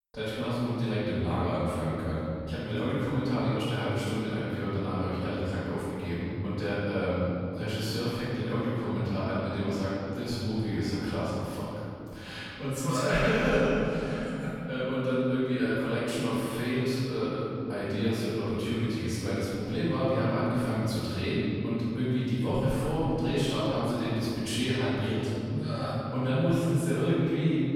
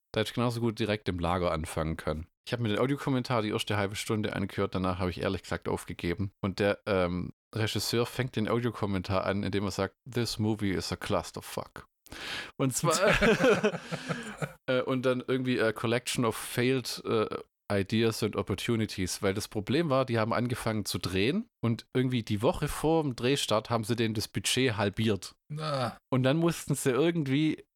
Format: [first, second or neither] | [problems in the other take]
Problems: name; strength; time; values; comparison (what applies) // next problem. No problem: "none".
second | room echo; strong; dies away in 3 s // off-mic speech; far